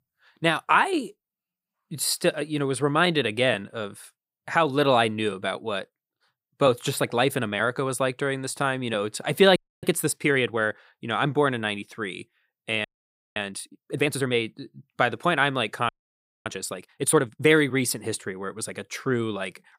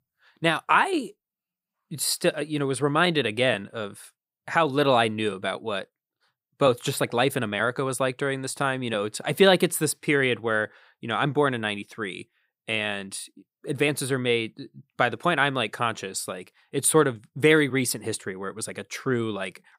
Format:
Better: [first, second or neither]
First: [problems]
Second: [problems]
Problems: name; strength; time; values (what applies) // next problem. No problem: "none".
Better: second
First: audio freezing; at 9.5 s, at 13 s for 0.5 s and at 16 s for 0.5 s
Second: none